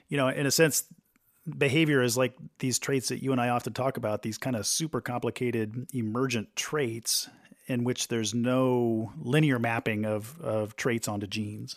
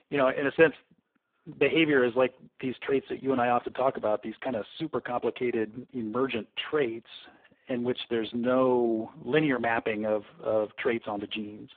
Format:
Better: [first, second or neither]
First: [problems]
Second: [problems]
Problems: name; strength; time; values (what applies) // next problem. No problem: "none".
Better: first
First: none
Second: phone-call audio; poor line